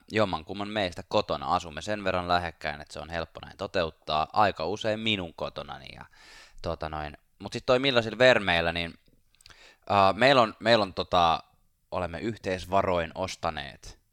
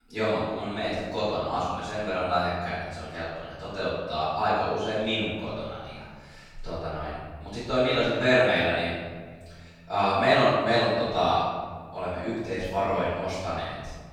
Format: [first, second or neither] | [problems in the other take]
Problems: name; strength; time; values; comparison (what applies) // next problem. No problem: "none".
first | room echo; strong; dies away in 1.4 s // off-mic speech; far